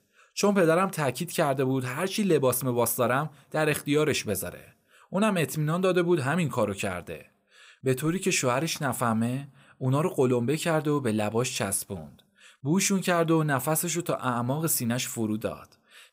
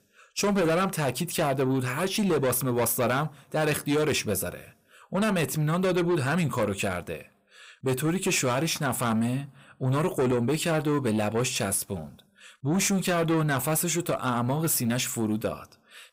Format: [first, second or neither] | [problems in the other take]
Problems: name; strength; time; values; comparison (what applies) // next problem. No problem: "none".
first | distortion; slight; 10 dB below the speech